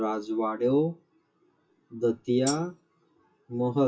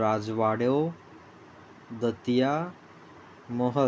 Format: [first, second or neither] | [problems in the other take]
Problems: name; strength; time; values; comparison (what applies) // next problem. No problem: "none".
second | noise reduction (classical method WPE with log-MMSE)